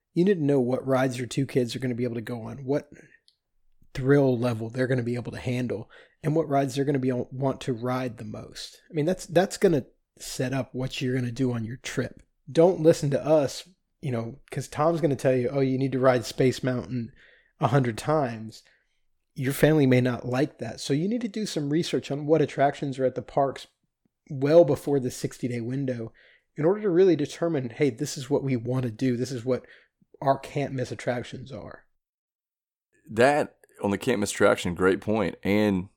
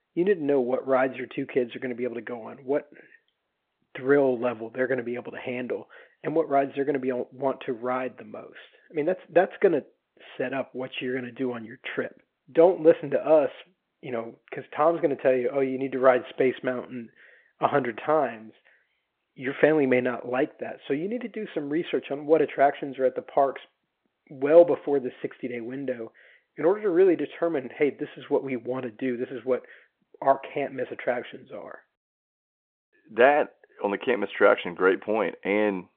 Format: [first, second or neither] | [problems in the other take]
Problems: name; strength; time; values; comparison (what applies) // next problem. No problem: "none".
first | phone-call audio